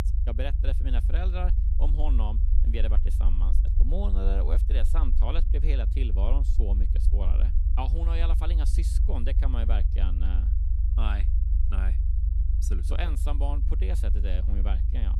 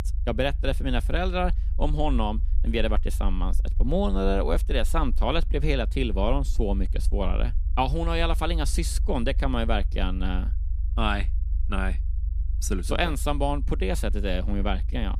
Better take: second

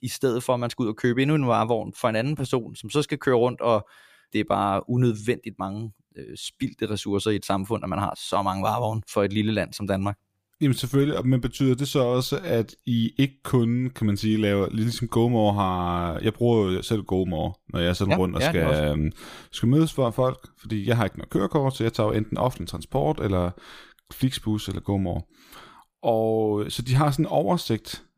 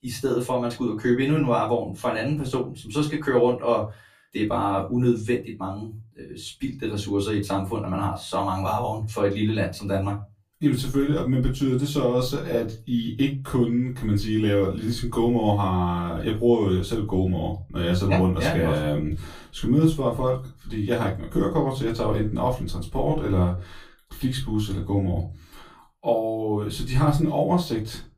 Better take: first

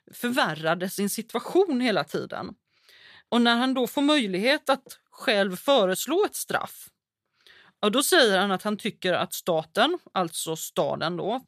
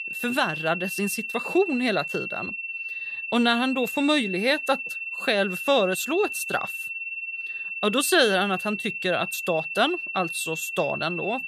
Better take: first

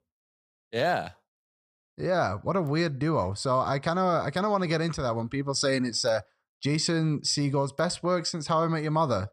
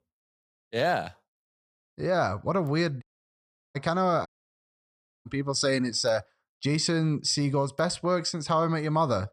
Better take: first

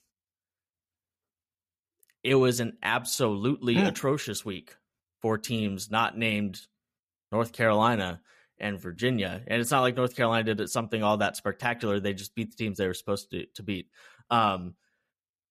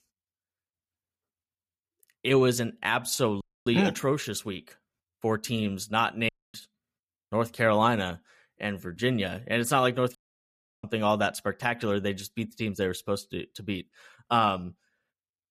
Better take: first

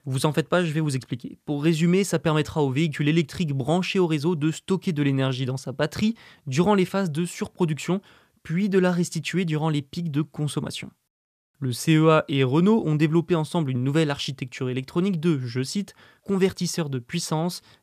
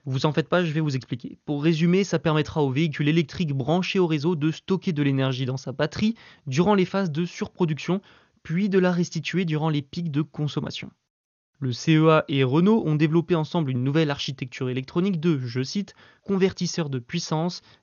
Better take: first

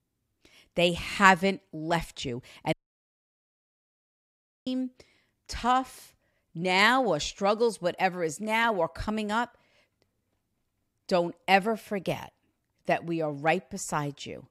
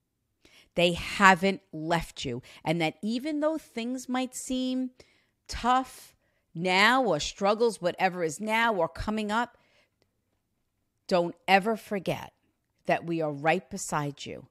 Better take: second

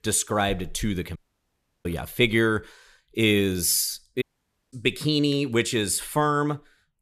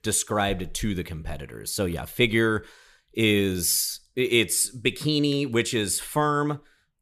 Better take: second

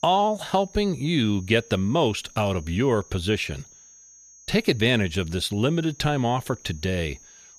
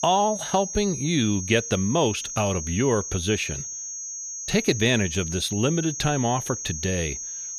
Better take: first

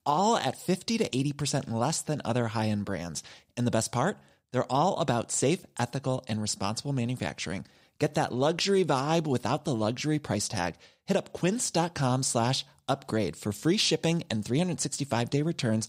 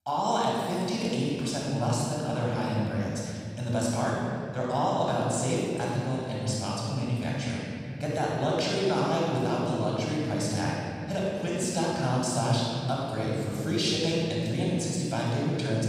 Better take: first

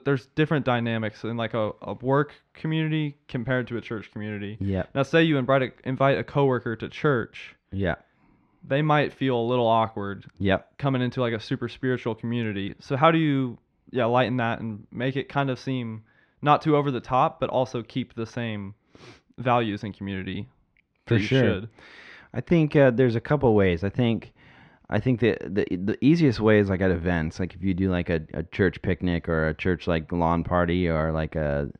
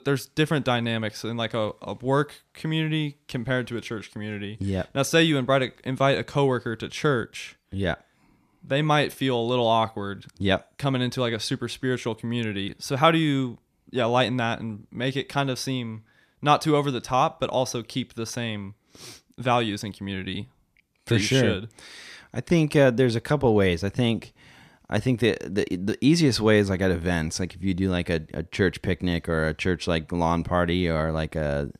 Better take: second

